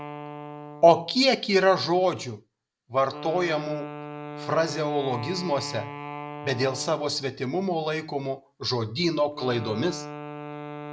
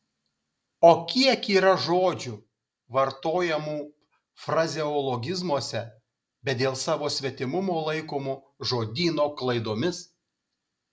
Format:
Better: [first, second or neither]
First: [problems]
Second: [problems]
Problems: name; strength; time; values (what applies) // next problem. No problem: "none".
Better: second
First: background sound (Wind instrument, woodwind instrument); 13 dB below the speech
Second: none